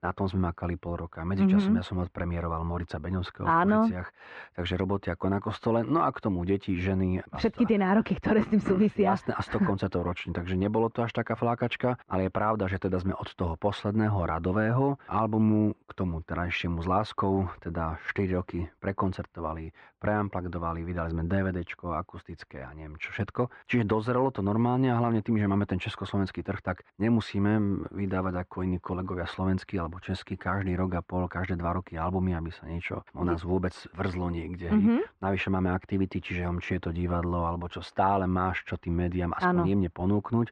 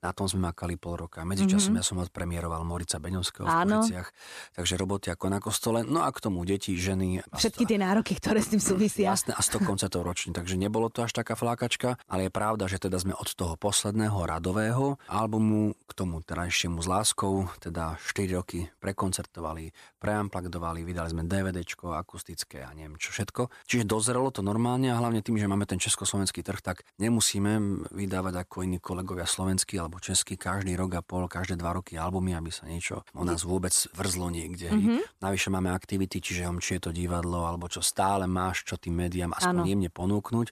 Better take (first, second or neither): second